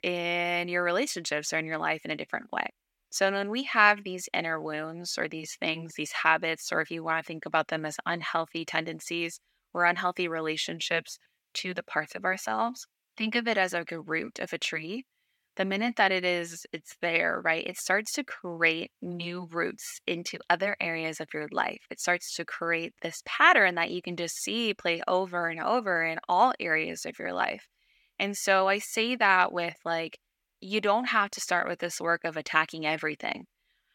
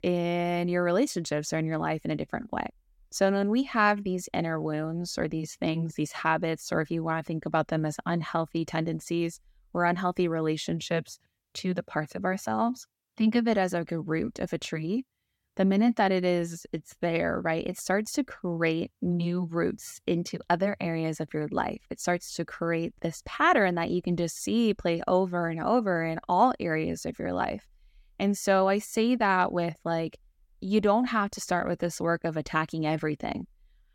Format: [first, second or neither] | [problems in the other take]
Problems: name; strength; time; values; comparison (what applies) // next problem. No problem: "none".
second | thin; somewhat; fading below 650 Hz